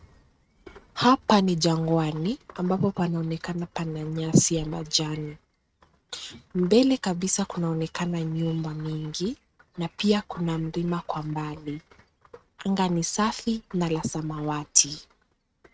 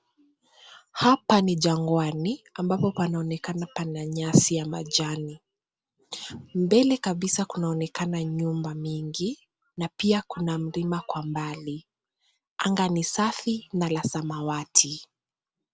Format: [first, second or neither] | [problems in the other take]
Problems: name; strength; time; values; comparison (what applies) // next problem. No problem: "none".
second | noise reduction (neural mask model RNNoise)